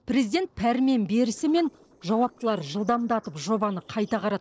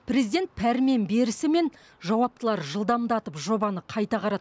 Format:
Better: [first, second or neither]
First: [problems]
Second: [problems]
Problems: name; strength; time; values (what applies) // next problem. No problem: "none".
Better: second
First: noise reduction (neural separator model SepFormer DNS4)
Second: none